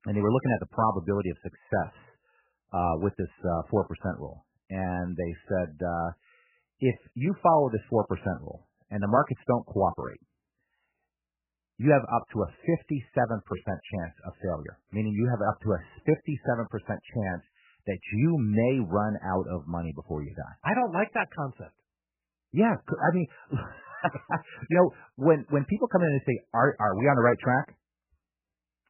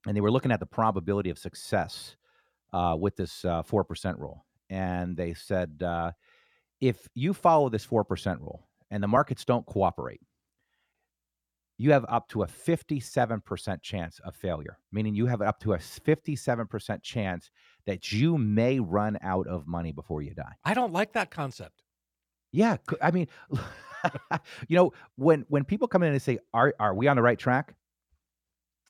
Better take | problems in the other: second | garbled, watery; badly; nothing above 3 kHz

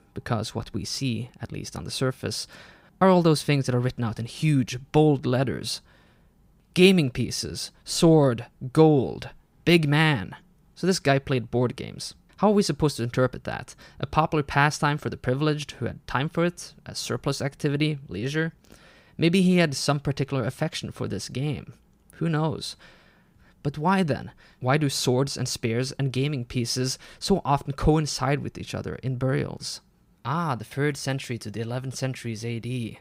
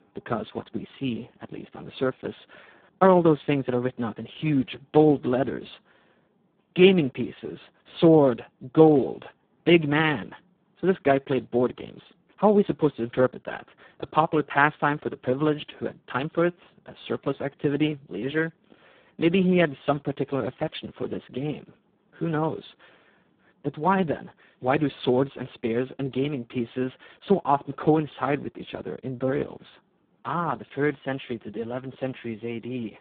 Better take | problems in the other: first | phone-call audio; poor line

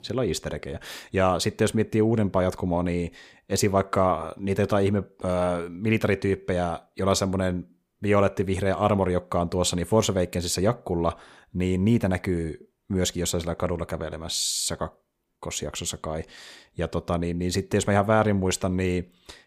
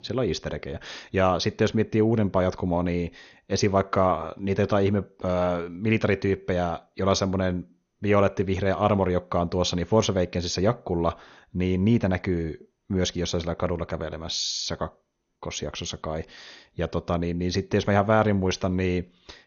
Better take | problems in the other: first | garbled, watery; slightly; nothing above 6.5 kHz

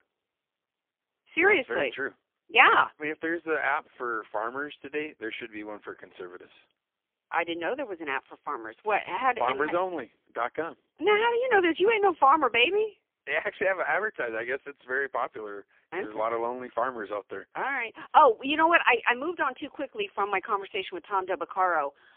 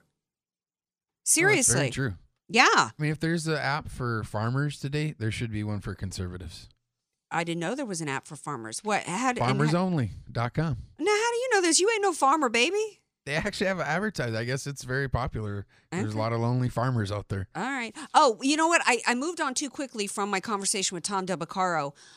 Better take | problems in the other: second | phone-call audio; poor line; nothing above 3 kHz

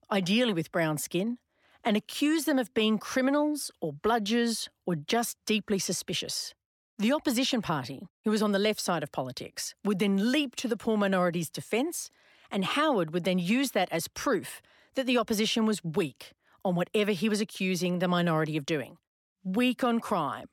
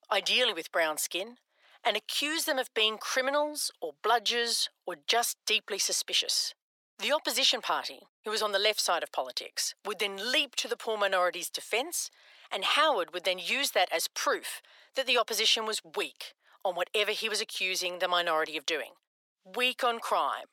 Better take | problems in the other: first | thin; very; fading below 550 Hz

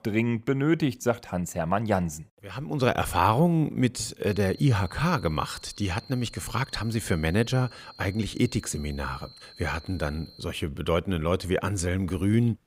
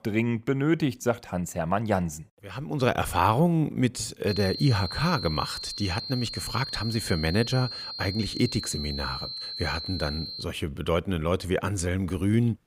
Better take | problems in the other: first | high-pitched whine; loud; from 4.5 to 10 s; 4 kHz, 7 dB below the speech; faint in the first

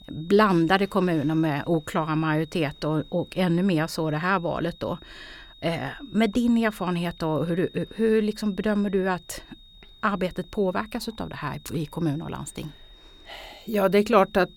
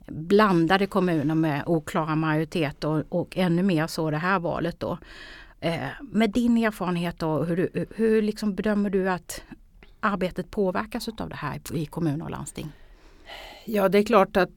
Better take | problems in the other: second | high-pitched whine; faint; throughout; 3.5 kHz, 25 dB below the speech

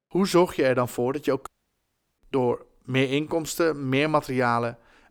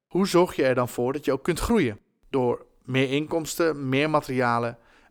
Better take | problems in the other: second | audio cutting out; at 1.5 s for 0.5 s

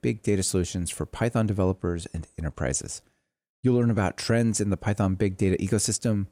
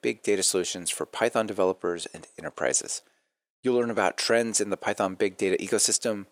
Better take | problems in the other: first | thin; somewhat; fading below 500 Hz

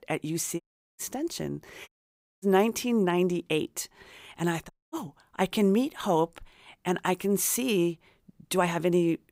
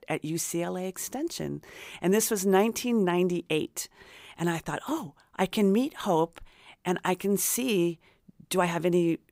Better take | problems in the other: second | audio cutting out; at 0.5 s, at 2 s for 0.5 s and at 4.5 s

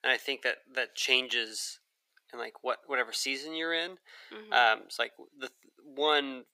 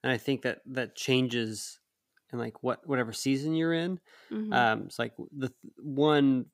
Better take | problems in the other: second | thin; very; fading below 500 Hz

